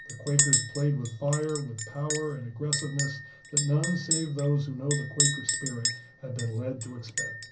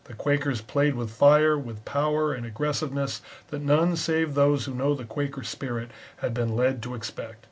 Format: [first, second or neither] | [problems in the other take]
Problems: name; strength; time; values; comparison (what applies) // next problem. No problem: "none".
second | background sound (Chink, clink); 1 dB above the speech // room echo; dies away in 0.5 s